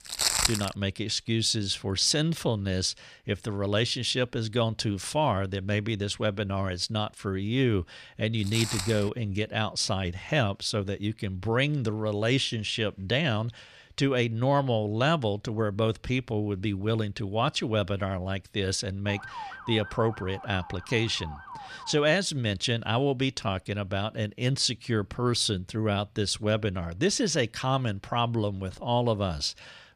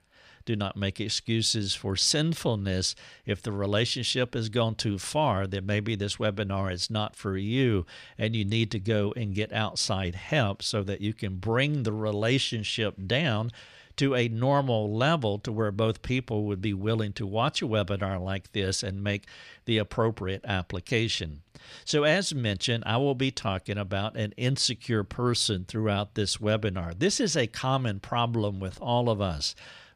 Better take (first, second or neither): second